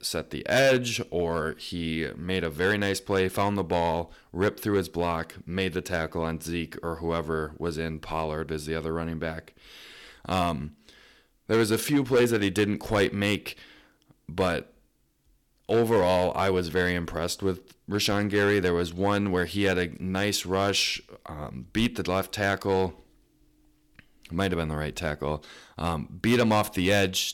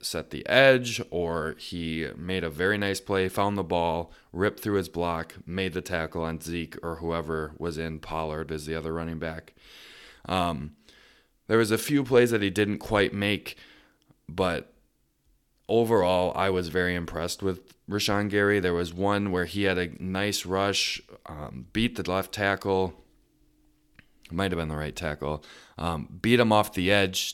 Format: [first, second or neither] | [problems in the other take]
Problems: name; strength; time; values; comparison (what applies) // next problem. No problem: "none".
second | distortion; slight; 3% of the sound clipped